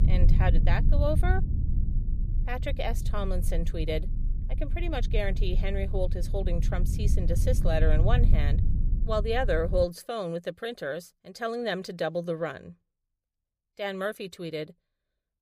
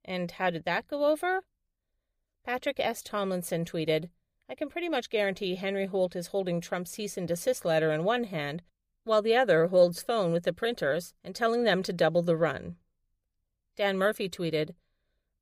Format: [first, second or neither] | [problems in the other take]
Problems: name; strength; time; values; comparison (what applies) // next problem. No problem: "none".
second | low rumble; noticeable; until 10 s; 10 dB below the speech